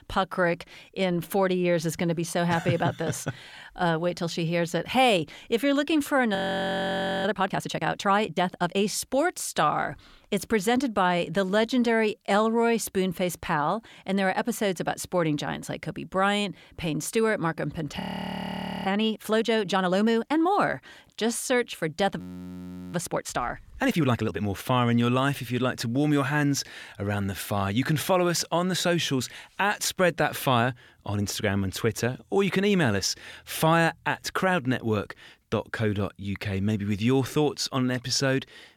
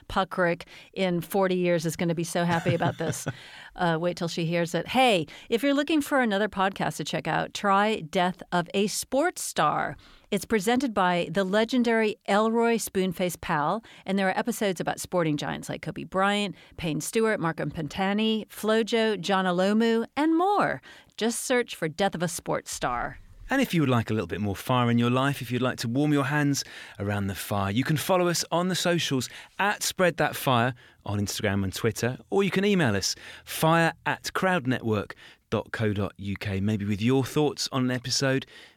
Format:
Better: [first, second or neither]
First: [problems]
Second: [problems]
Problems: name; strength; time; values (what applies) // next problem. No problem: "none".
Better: second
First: audio freezing; at 6.5 s for 1 s, at 18 s for 1 s and at 22 s for 0.5 s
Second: none